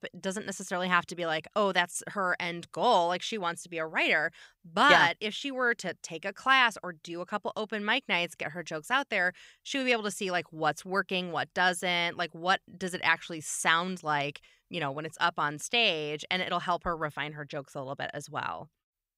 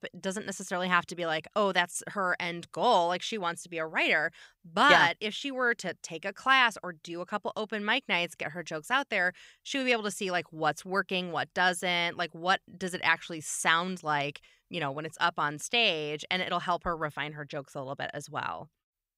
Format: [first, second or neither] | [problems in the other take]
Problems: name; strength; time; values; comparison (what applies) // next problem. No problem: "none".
neither | none